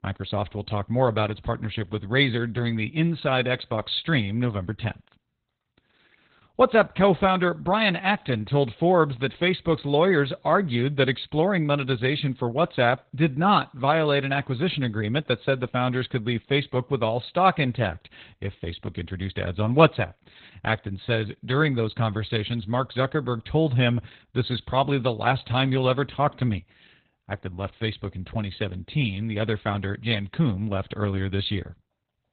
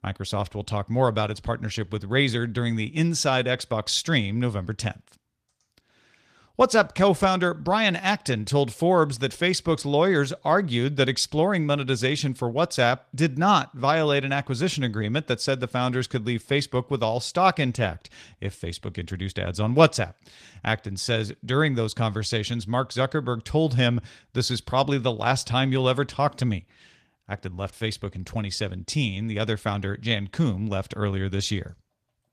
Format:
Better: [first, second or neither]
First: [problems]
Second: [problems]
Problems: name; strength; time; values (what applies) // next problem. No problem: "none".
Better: second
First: garbled, watery; badly; nothing above 4 kHz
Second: garbled, watery; slightly; nothing above 14.5 kHz